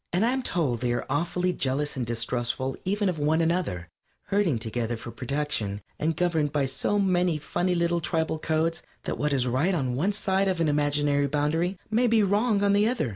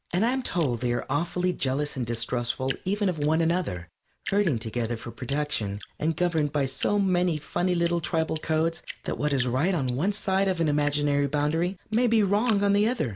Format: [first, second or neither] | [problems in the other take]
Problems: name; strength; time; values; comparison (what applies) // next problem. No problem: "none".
first | background sound (Drip); 20 dB below the speech